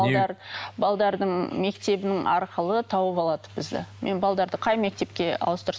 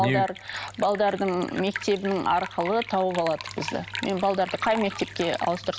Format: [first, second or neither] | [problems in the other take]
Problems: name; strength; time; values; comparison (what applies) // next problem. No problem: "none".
first | background sound (Liquid); 12 dB below the speech